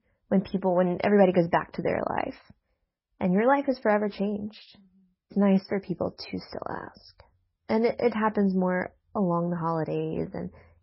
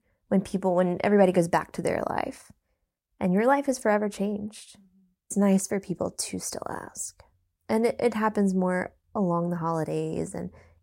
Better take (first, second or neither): second